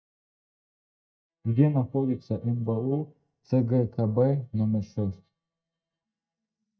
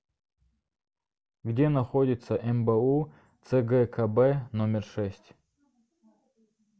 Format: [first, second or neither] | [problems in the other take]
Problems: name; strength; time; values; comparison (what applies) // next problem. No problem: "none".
second | noise reduction (neural mask model DeepFilterNet 3)